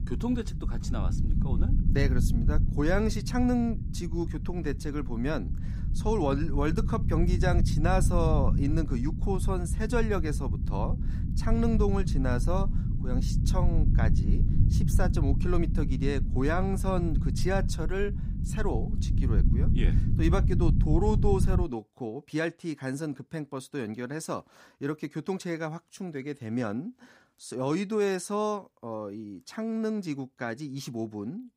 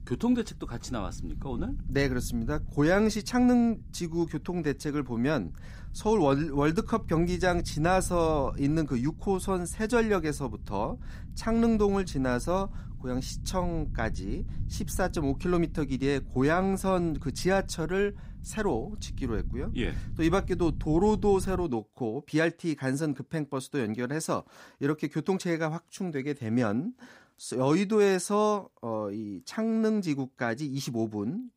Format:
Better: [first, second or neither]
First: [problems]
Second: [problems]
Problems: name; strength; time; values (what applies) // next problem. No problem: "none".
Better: second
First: low rumble; loud; until 22 s; 8 dB below the speech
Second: low rumble; faint; until 22 s; 25 dB below the speech